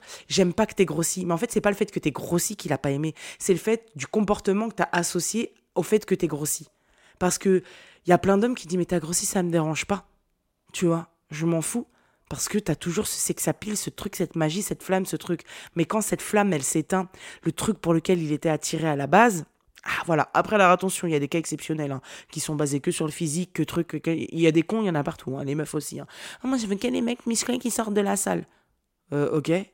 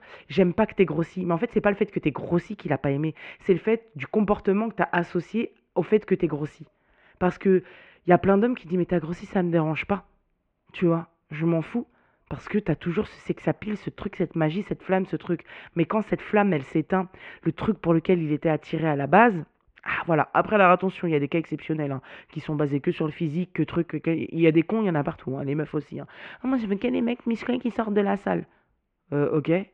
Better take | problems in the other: first | muffled; very; fading above 2.5 kHz

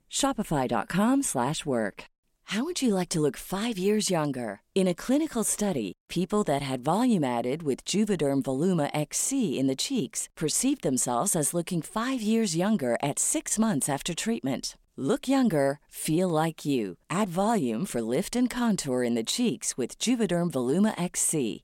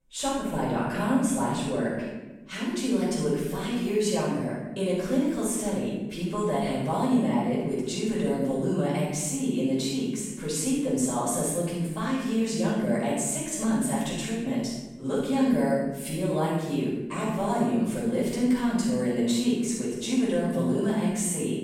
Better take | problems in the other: first | off-mic speech; far // room echo; strong; dies away in 1 s

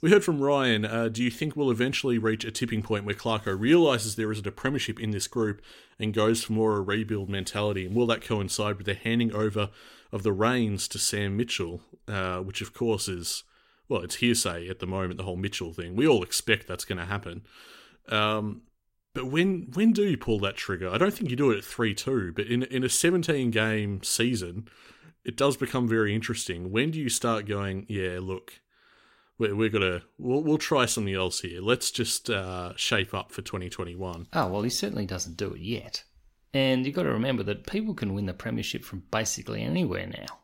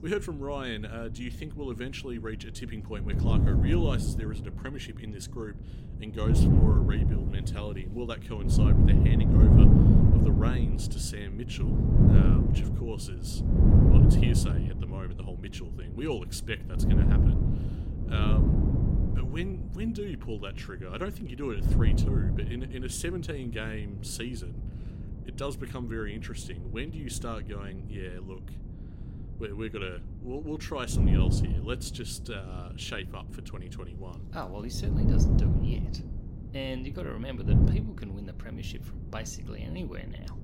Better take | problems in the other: first | wind noise on the microphone; heavy; 4 dB above the speech

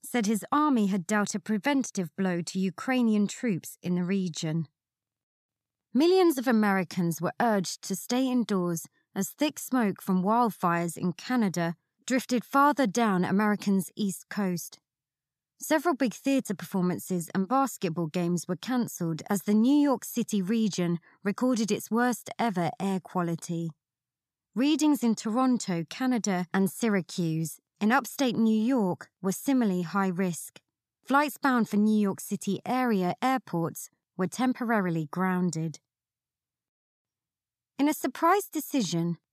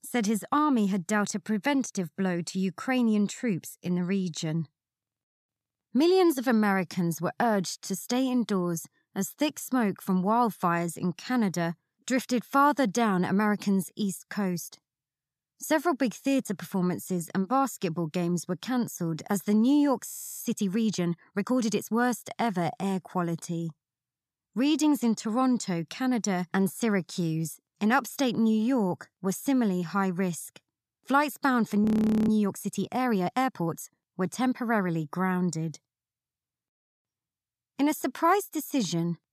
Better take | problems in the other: first | audio freezing; at 20 s and at 32 s

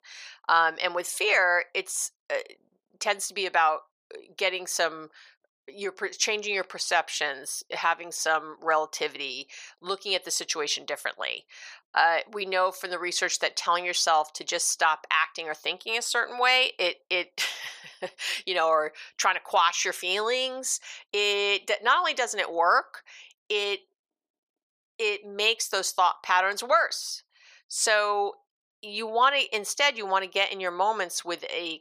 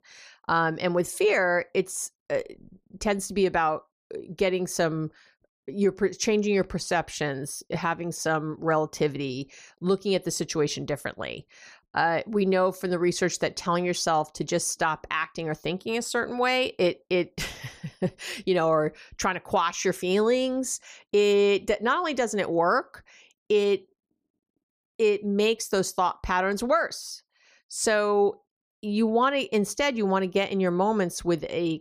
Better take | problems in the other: second | thin; very; fading below 800 Hz

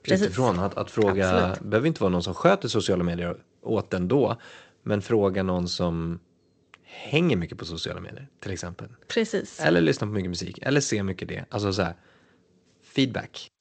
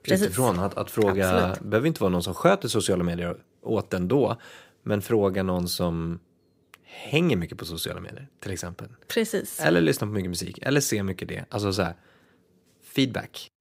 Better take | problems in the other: second | garbled, watery; slightly; nothing above 8 kHz

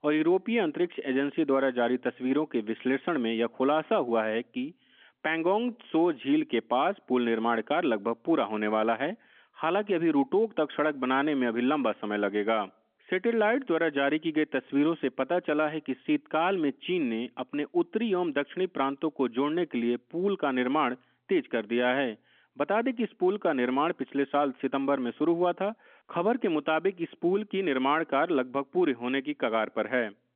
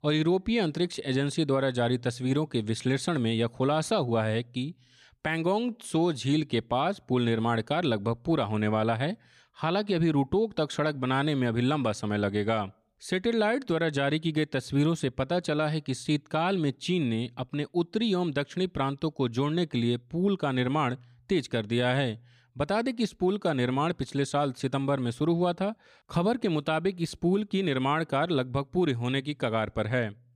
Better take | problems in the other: second | phone-call audio; nothing above 3.5 kHz

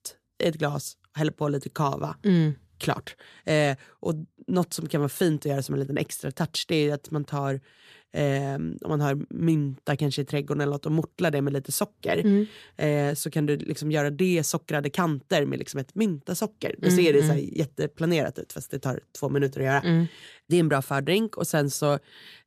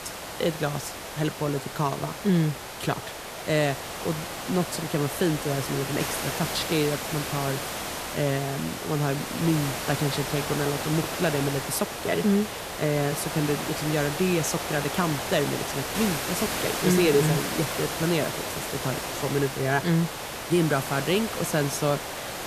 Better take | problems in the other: first | hiss; loud; throughout; 4 dB below the speech

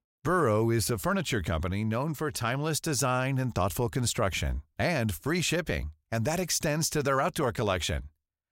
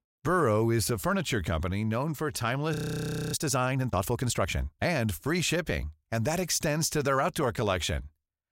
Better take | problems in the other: first | audio freezing; at 2.5 s for 0.5 s

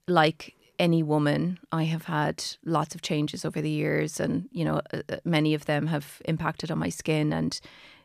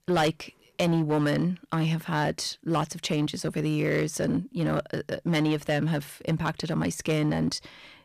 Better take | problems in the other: first | distortion; slight; 7% of the sound clipped

